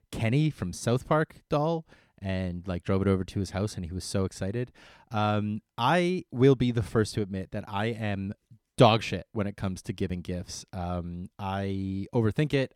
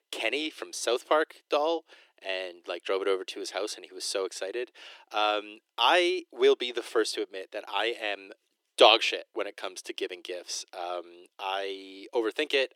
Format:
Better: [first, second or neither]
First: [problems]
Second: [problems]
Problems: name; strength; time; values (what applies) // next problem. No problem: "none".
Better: first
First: none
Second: thin; very; fading below 350 Hz